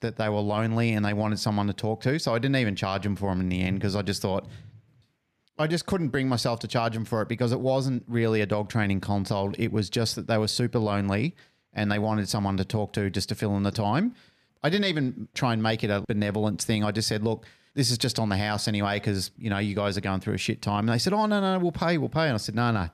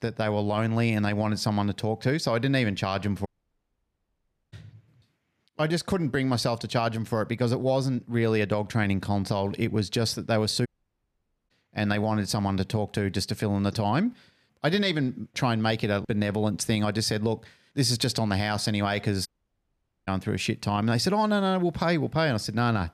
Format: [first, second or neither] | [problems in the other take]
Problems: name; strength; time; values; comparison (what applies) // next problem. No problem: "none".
first | audio cutting out; at 3.5 s for 1.5 s, at 11 s for 1 s and at 19 s for 1 s